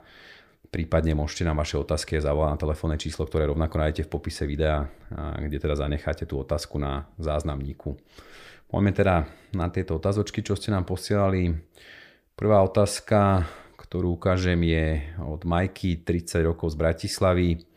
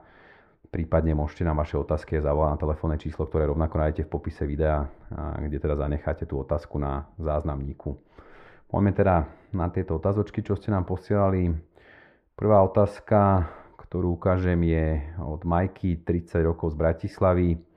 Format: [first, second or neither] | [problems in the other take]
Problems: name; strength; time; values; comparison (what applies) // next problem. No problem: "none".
first | muffled; very; fading above 3 kHz